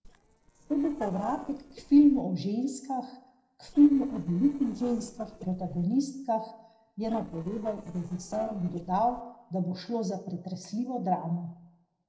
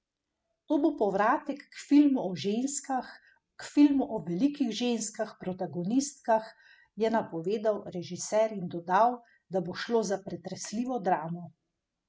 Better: second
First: noise reduction (neural separator model SepFormer DNS4)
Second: none

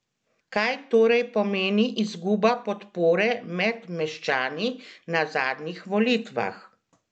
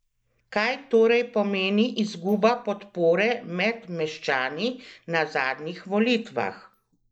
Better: first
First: none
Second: noise reduction (neural mask model Resemble Enhance denoiser)

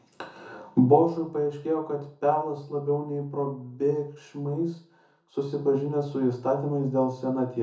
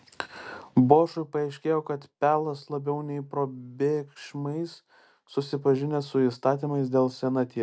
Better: second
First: room echo; dies away in 0.6 s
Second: none

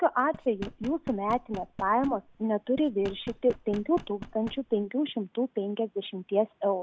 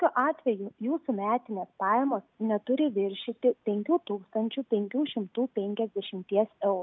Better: second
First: background sound (Knock); 15 dB below the speech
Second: none

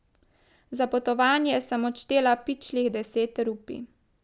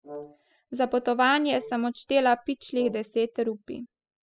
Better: first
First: none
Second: noise reduction (classical method spectral subtraction)

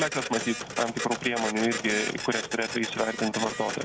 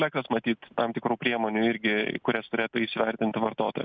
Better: second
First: background sound (Printer); 5 dB below the speech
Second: none

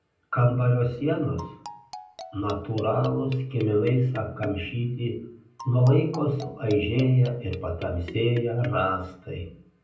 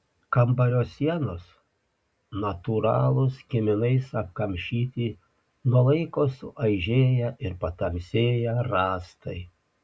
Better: second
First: background sound (Marimba, xylophone); 17 dB below the speech // room echo; dies away in 0.6 s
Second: none

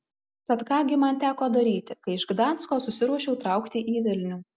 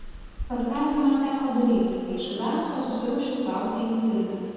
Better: first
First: none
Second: background sound (Rain); 16 dB below the speech // room echo; dies away in 2.1 s

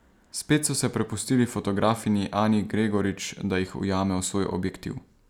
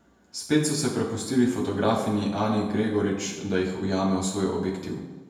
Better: first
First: none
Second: room echo; dies away in 0.9 s

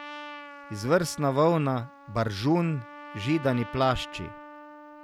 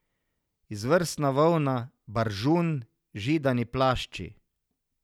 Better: second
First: background sound (Trumpet); 16 dB below the speech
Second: none

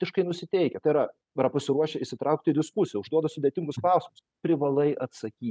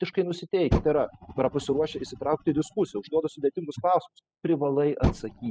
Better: first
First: none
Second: noise reduction (classical method spectral subtraction)

